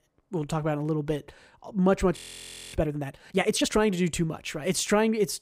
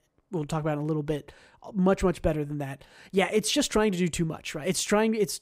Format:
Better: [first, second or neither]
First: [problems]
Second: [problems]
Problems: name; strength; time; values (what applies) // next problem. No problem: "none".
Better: second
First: audio freezing; at 2 s for 0.5 s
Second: none